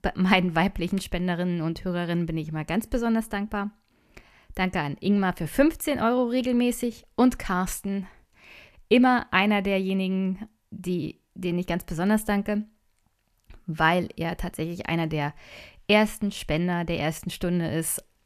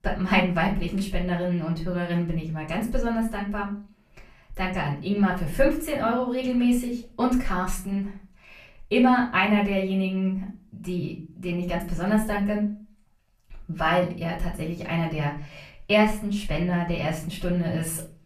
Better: first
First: none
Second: off-mic speech; far // room echo; slight; dies away in 0.4 s

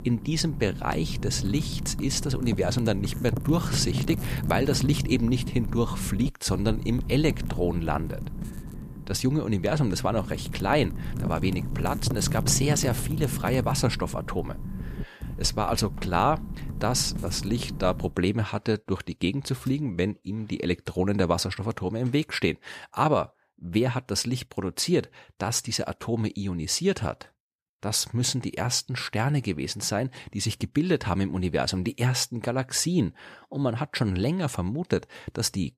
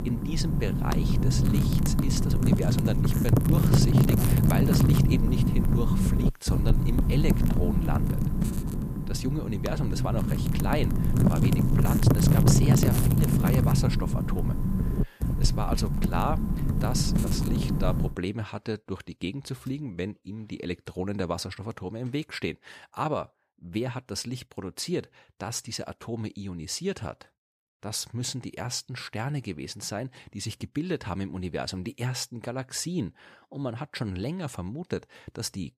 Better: first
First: wind noise on the microphone; occasional gusts; until 18 s; 15 dB below the speech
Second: wind noise on the microphone; heavy; until 18 s; 1 dB above the speech

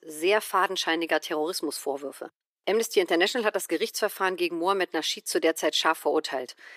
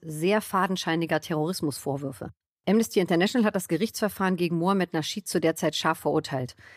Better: second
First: thin; very; fading below 350 Hz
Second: none

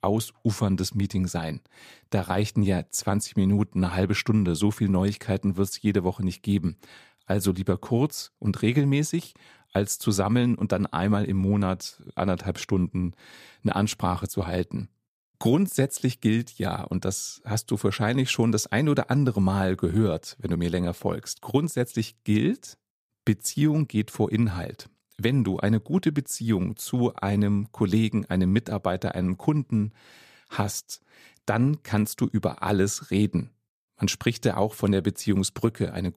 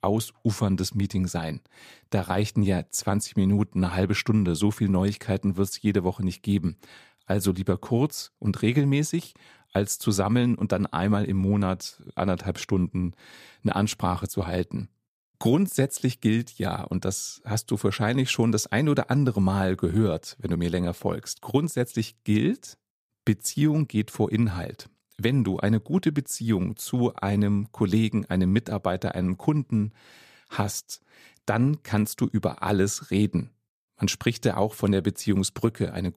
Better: neither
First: none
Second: none

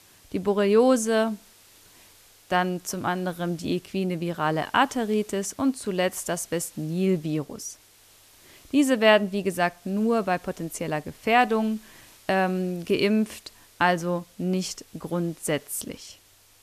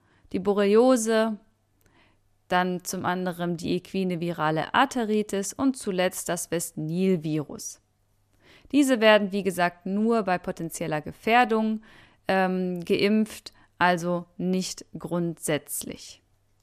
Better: second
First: hiss; faint; throughout; 25 dB below the speech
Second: none

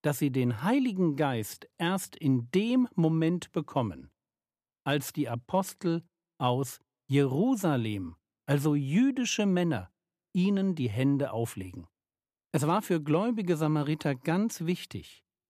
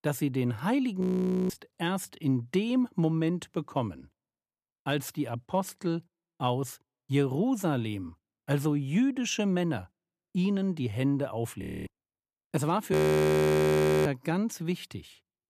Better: first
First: none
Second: audio freezing; at 1 s, at 12 s and at 13 s for 1 s

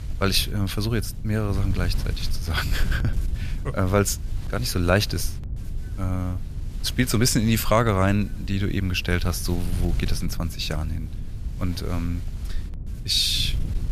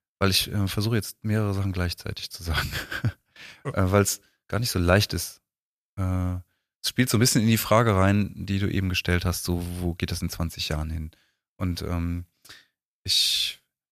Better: second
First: wind noise on the microphone; occasional gusts; 20 dB below the speech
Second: none

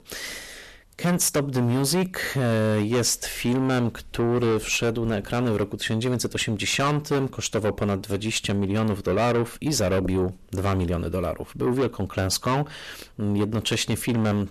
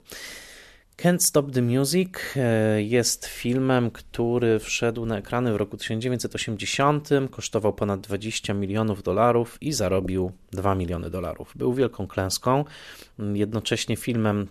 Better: second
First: distortion; heavy; 7 dB below the speech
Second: none

